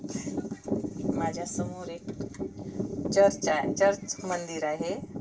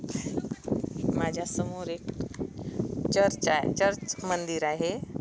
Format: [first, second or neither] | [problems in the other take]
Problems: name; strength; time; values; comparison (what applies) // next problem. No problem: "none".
second | room echo; dies away in 0.2 s